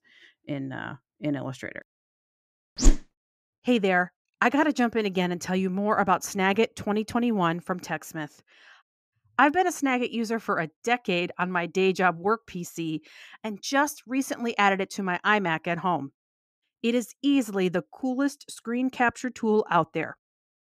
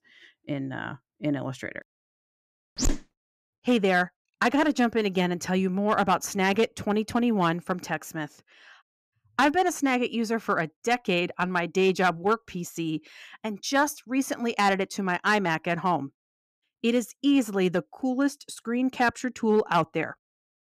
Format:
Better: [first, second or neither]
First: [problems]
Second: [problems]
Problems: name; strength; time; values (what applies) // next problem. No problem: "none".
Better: first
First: none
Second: distortion; slight; 1.8% of the sound clipped